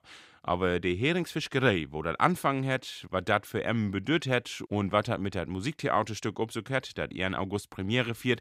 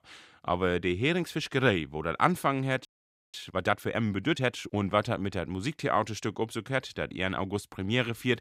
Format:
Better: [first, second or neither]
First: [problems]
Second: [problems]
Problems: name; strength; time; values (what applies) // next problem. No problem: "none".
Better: first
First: none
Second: audio freezing; at 3 s